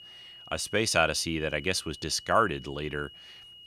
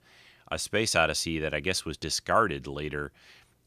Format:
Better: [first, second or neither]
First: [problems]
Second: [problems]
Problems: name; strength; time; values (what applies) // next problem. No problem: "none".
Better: second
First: high-pitched whine; noticeable; throughout; 3 kHz, 20 dB below the speech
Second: none